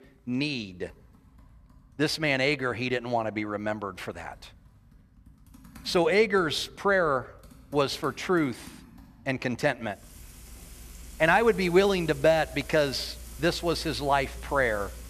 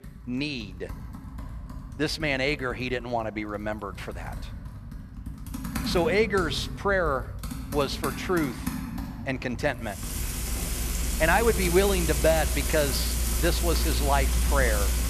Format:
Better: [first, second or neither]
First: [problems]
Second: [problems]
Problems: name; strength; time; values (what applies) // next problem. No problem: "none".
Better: first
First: household noises; faint; throughout; 20 dB below the speech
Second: household noises; loud; throughout; 3 dB below the speech